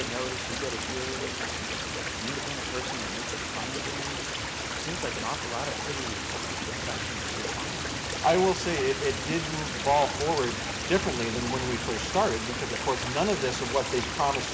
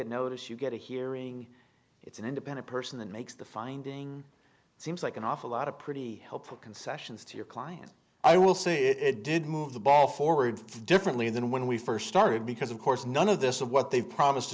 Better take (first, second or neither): second